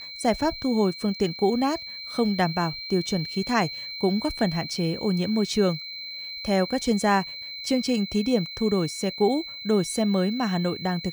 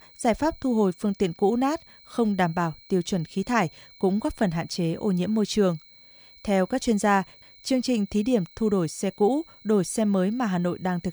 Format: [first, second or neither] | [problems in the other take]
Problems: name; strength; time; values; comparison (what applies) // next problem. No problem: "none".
second | high-pitched whine; loud; throughout; 4 kHz, 9 dB below the speech; faint in the second